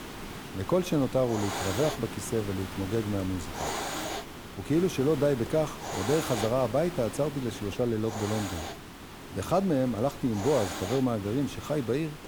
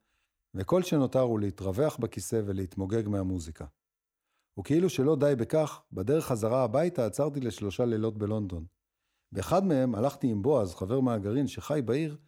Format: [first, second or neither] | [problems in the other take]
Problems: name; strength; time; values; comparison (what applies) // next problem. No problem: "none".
second | hiss; loud; throughout; 8 dB below the speech